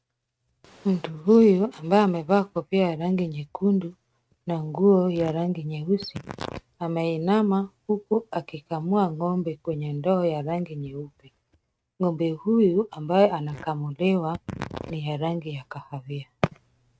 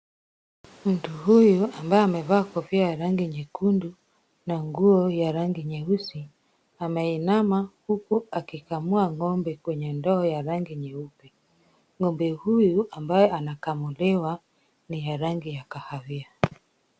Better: second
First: noise reduction (neural mask model RNNoise)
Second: none

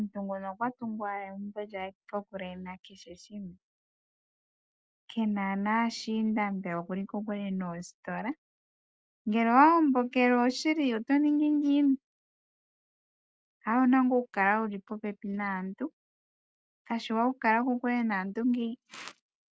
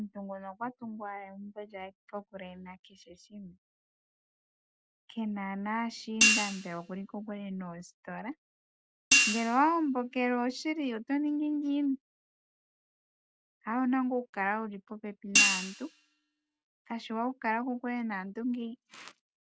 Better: first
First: none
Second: background sound (Hi-hat); 4 dB above the speech

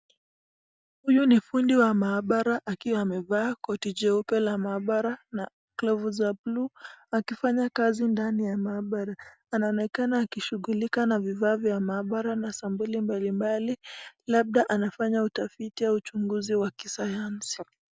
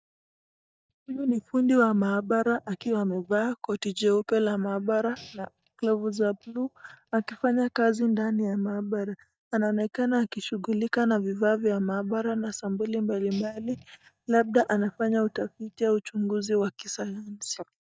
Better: first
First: none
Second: noise reduction (neural mask model DeepFilterNet 3)

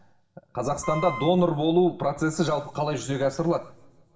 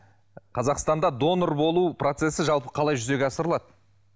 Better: second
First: background sound (Wind instrument, woodwind instrument); 10 dB below the speech // room echo; dies away in 1.6 s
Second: none

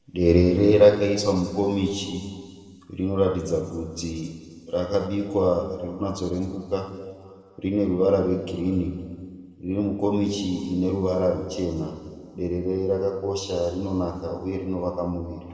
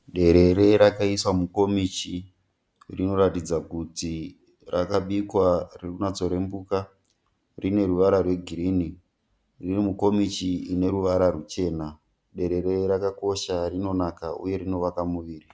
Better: second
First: room echo; dies away in 1.9 s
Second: none

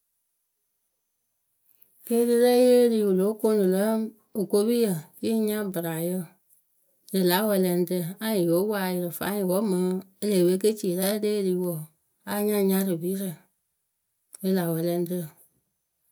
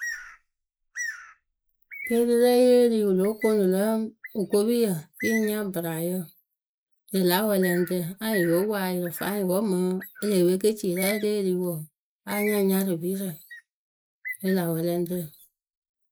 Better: first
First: none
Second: noise reduction (neural mask model Resemble Enhance denoiser)

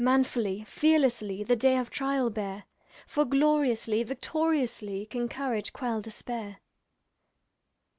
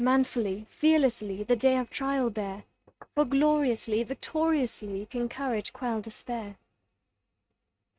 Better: first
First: none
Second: noise reduction (neural mask model RNNoise)

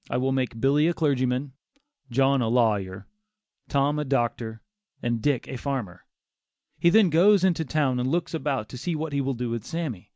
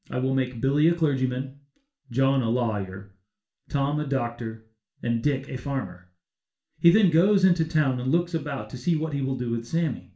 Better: first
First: none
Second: room echo; dies away in 0.4 s

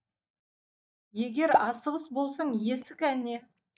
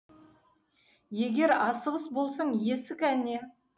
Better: second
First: noise reduction (neural mask model DeepFilterNet 3)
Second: none

